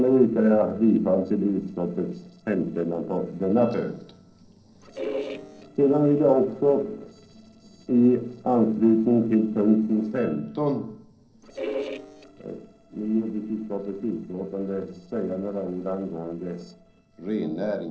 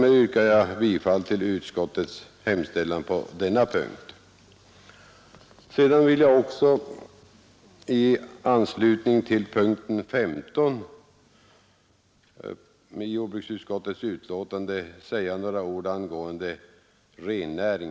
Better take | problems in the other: second | noise reduction (neural separator model SepFormer DNS4)

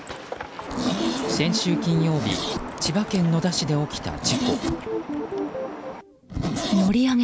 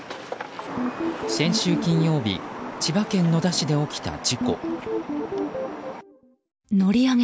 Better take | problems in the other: second | background sound (Zipper (clothing)); 7 dB below the speech

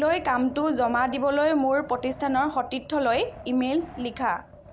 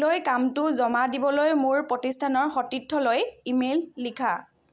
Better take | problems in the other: second | background sound (Wind); 17 dB below the speech

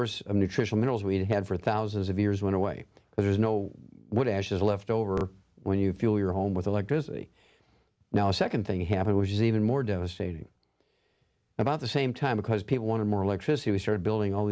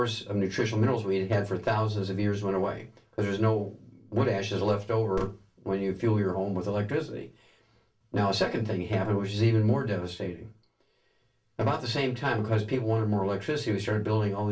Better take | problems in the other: first | room echo; dies away in 0.2 s

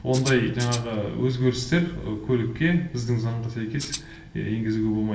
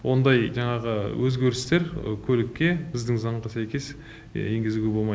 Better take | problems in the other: second | background sound (Rattle (instrument)); 11 dB below the speech // room echo; dies away in 0.9 s

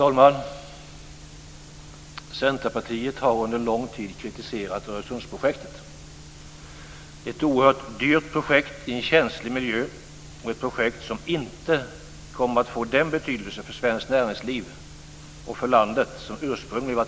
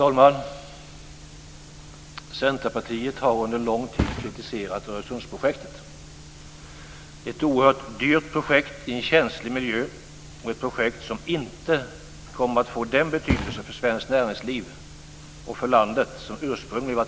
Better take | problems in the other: first | background sound (Thump, thud); 14 dB below the speech

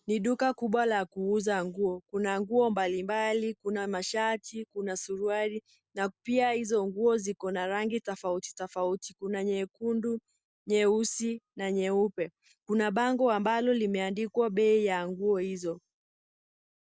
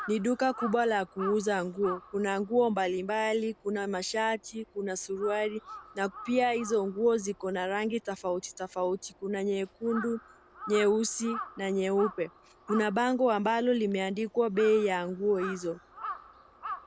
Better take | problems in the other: first | background sound (Crow); 15 dB below the speech

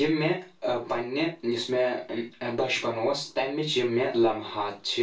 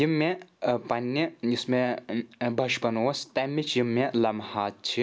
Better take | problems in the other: second | room echo; dies away in 0.2 s

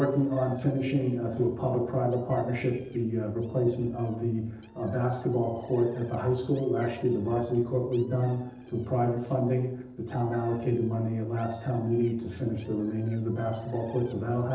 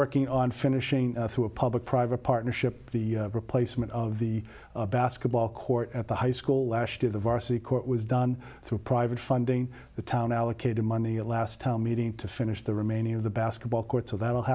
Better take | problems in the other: second | noise reduction (neural separator model SepFormer DNS4)

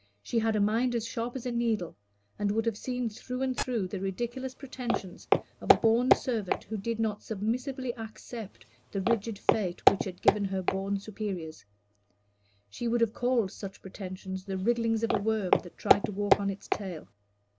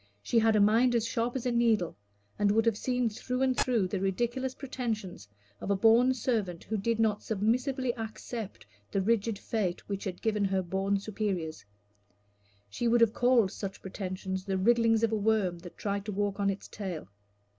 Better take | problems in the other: second | background sound (Walk, footsteps); 1 dB above the speech

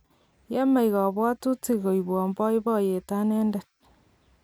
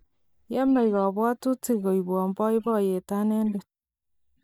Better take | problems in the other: first | noise reduction (neural mask model DeepFilterNet 3)

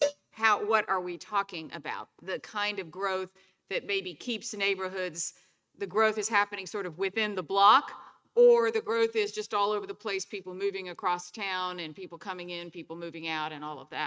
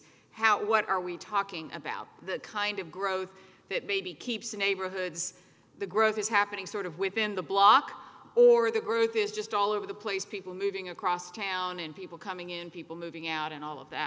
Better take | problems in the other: second | noise reduction (neural mask model RNNoise)

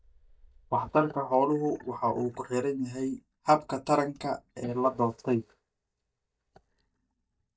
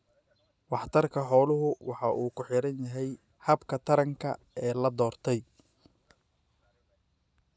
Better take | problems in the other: second | noise reduction (neural mask model DeepFilterNet 3)

